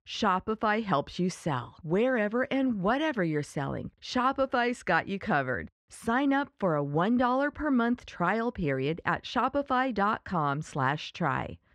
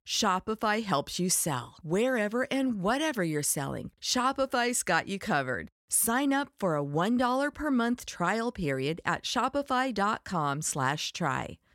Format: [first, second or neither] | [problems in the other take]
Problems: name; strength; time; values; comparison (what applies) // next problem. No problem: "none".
second | muffled; slightly; fading above 2.5 kHz